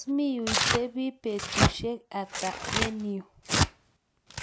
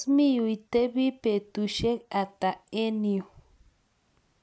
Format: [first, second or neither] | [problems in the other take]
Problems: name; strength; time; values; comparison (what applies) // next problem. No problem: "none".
second | background sound (Tearing); 2 dB above the speech